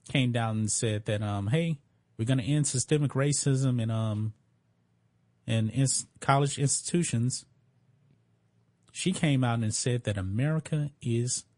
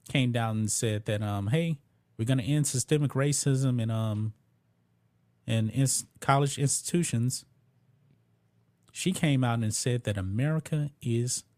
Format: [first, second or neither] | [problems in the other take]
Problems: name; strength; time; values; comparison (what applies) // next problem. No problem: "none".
second | garbled, watery; slightly; nothing above 10.5 kHz